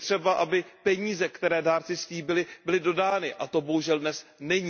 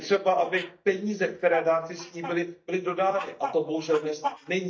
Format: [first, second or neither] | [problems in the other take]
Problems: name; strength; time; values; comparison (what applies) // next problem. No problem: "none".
first | noise reduction (neural mask model DeepFilterNet 3)